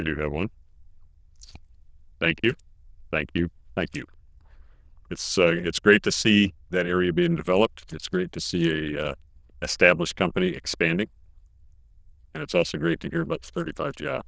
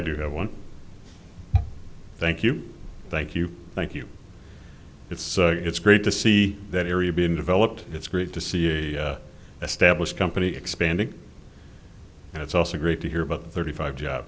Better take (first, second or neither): second